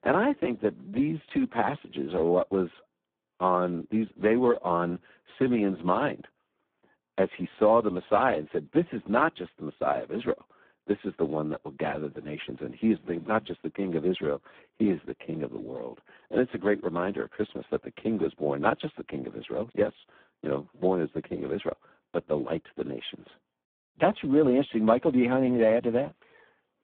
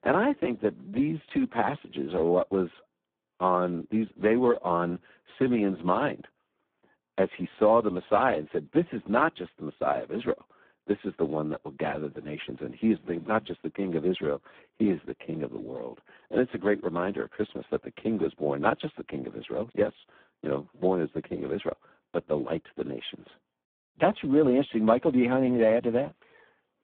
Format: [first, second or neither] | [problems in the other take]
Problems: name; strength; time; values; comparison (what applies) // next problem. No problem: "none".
neither | phone-call audio; poor line; the same in both